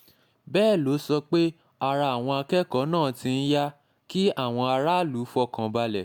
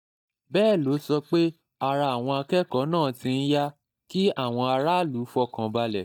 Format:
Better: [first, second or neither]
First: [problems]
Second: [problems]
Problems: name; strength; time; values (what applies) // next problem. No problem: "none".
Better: first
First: none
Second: noise reduction (neural mask model DeepFilterNet 3)